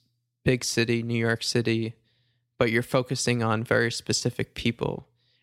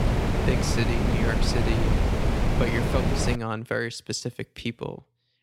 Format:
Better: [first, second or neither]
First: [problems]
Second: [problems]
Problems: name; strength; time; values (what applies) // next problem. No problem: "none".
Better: first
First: none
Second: wind noise on the microphone; heavy; until 3.5 s; 1 dB above the speech